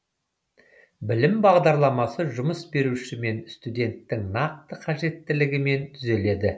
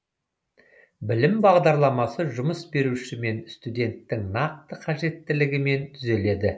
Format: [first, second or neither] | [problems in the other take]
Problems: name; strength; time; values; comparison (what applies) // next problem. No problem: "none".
first | noise reduction (neural mask model Resemble Enhance denoiser)